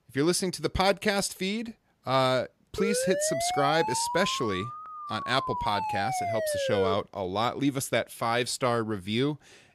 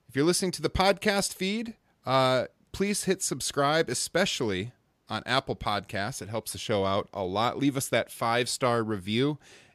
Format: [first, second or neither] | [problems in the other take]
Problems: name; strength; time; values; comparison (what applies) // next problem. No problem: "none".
second | siren; noticeable; from 3 to 7 s; peak 1 dB below the speech